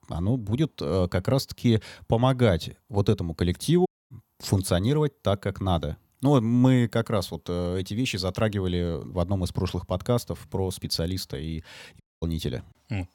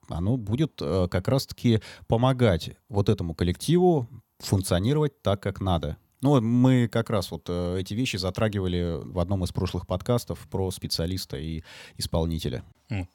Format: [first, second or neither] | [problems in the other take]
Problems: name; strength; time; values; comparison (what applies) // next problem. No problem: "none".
second | audio cutting out; at 4 s and at 12 s